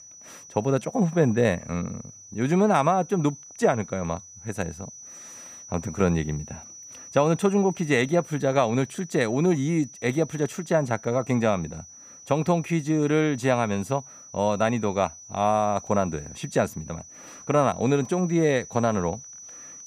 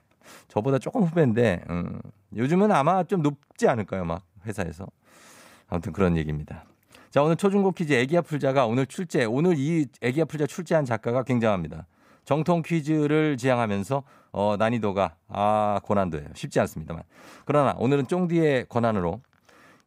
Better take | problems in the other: second | high-pitched whine; noticeable; throughout; 6 kHz, 20 dB below the speech

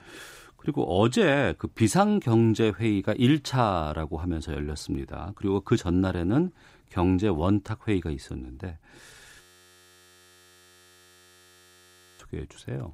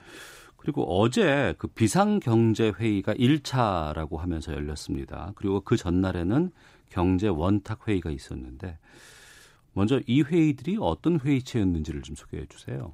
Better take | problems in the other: second | audio freezing; at 9.5 s for 3 s

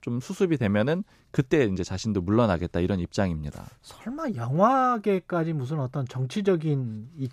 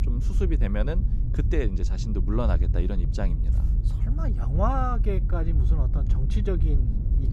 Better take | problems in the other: first | low rumble; loud; throughout; 10 dB below the speech

